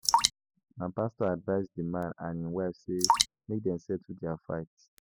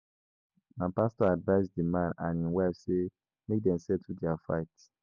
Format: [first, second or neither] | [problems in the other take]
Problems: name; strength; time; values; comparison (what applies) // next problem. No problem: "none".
second | noise reduction (classical method spectral subtraction)